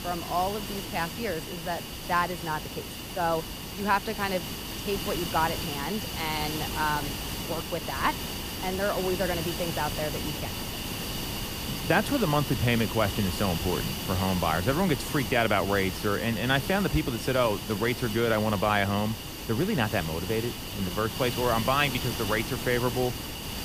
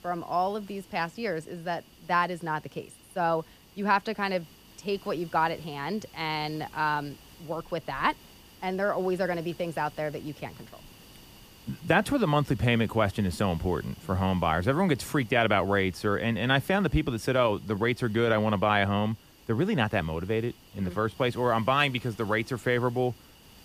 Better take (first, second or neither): second